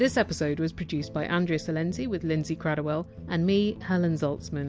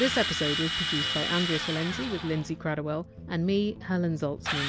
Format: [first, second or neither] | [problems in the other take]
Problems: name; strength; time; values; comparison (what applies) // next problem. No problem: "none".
first | background sound (Drill); 4 dB below the speech